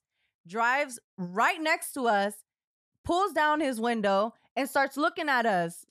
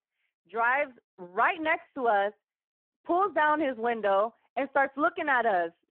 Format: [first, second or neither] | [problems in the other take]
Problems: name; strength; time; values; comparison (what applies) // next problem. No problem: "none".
first | phone-call audio; poor line